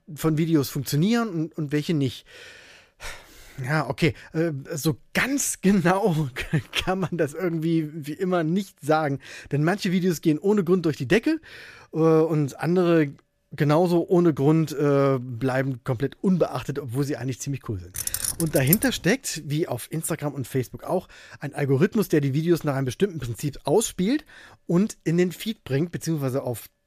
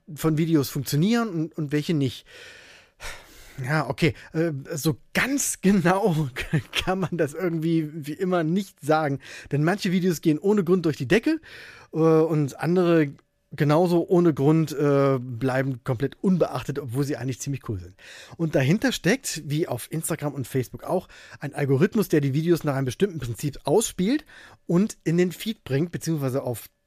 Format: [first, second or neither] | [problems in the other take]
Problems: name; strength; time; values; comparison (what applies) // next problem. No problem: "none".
second | jangling keys; noticeable; at 18 s; peak level with the speech